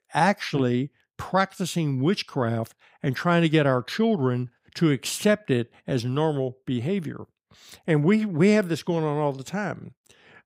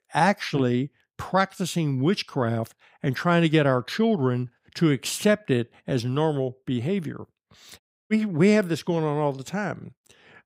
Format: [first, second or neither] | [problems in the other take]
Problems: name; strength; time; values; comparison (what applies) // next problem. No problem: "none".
first | audio cutting out; at 8 s